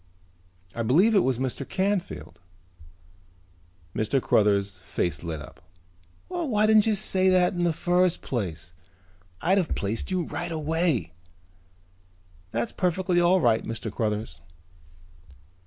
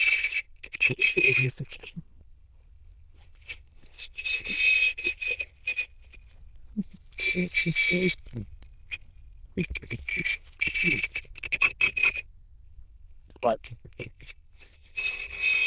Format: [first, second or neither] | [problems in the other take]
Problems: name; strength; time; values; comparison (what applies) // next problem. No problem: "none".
first | noise reduction (neural diffusion model UNIVERSE++)